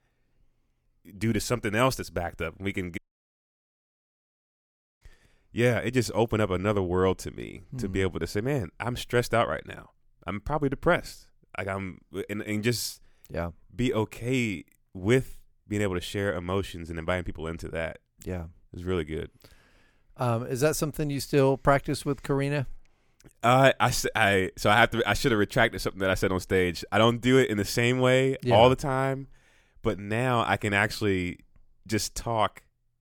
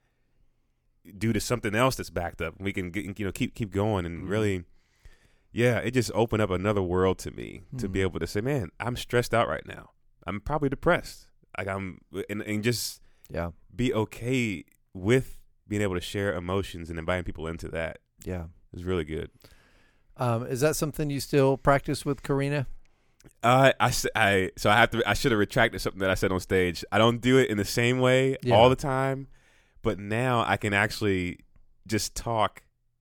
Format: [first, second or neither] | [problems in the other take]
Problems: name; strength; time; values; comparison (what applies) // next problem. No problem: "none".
second | audio cutting out; at 3 s for 2 s